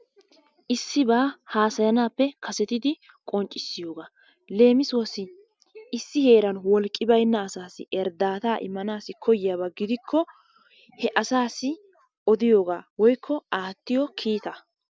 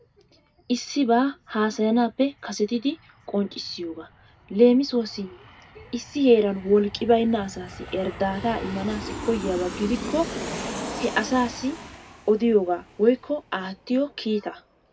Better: first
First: none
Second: background sound (Aircraft); 14 dB below the speech // room echo; dies away in 0.2 s

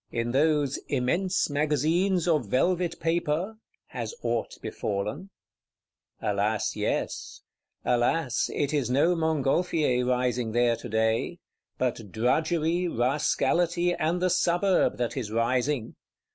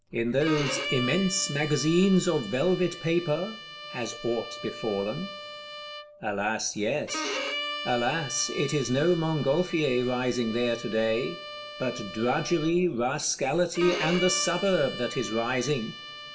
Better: first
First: none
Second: background sound (Bowed string instrument); 10 dB below the speech // room echo; dies away in 0.6 s

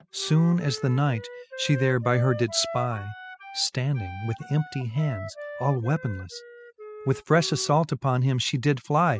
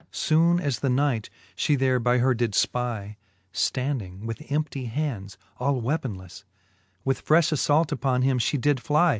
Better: second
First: noise reduction (classical method spectral subtraction)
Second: none

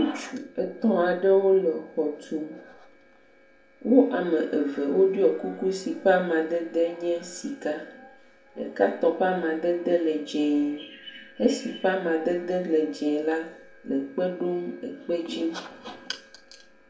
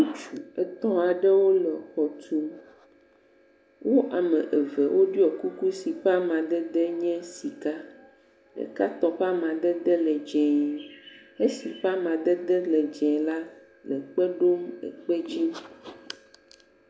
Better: second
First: room echo; dies away in 0.3 s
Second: none

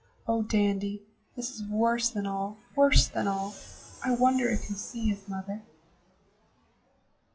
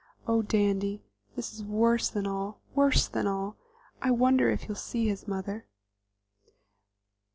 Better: second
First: noise reduction (classical method WPE with log-MMSE)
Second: none

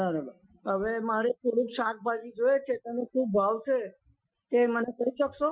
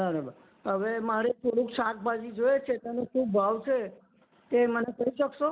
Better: second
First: noise reduction (classical method Wiener filter)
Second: none

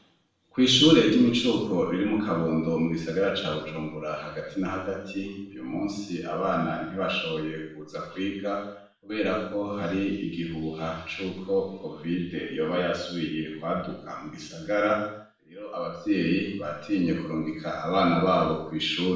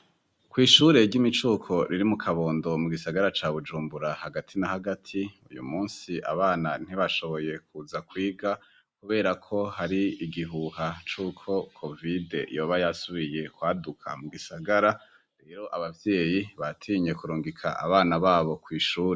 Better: second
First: room echo; dies away in 0.6 s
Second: none

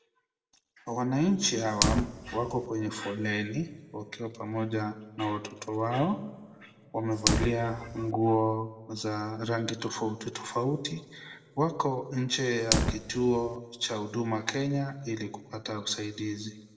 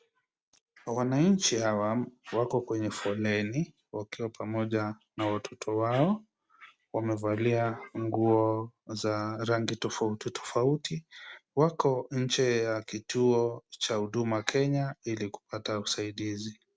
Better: second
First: background sound (Fire); 7 dB below the speech // room echo; dies away in 1.2 s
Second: none

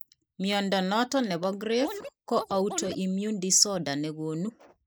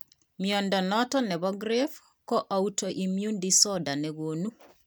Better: second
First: noise reduction (neural mask model Resemble Enhance denoiser)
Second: none

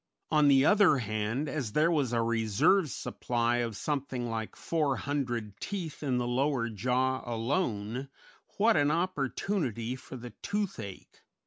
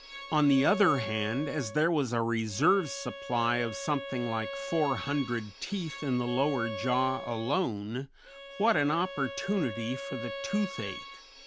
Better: first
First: none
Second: background sound (Bowed string instrument); 11 dB below the speech

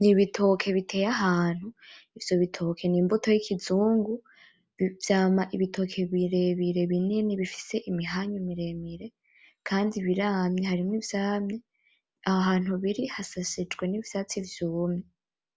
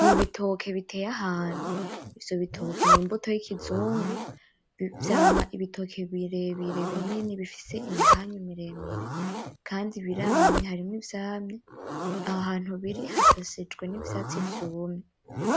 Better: first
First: none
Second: background sound (Zipper (clothing)); 3 dB above the speech

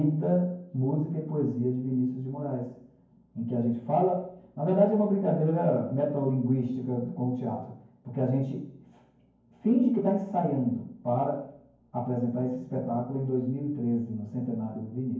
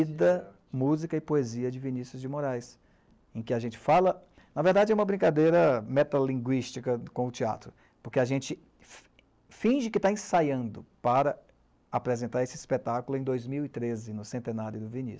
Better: second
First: room echo; dies away in 0.9 s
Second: none

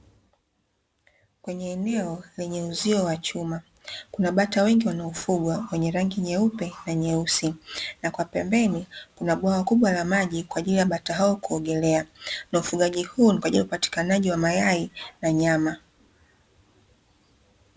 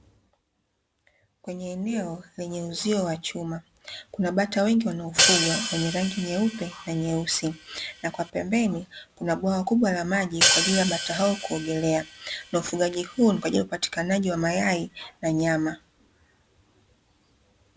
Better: first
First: none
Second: background sound (Hi-hat); 1 dB below the speech

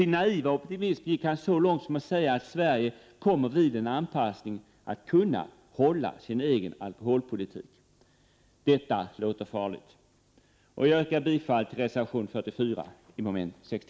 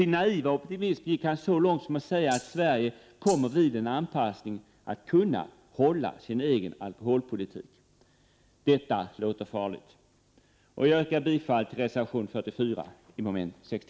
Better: first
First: none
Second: background sound (Rattle (instrument)); 13 dB below the speech

